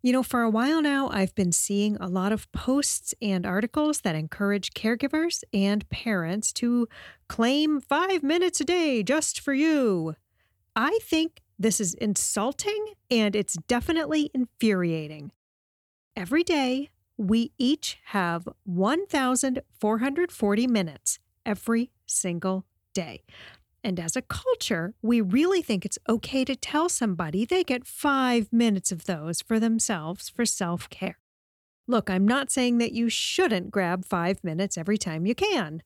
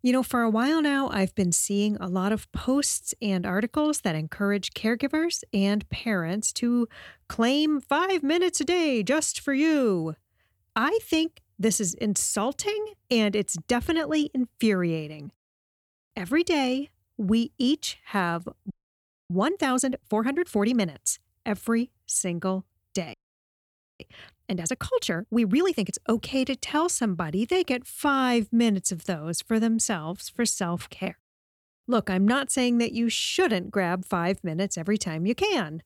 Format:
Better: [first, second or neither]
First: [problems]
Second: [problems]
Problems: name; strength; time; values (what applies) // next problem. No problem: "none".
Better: first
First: none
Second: audio freezing; at 19 s for 0.5 s and at 23 s for 1 s